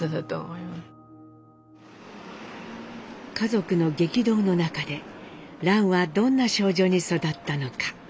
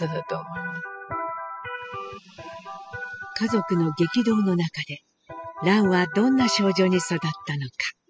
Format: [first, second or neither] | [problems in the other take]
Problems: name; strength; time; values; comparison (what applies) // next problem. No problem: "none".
first | noise reduction (classical method spectral subtraction)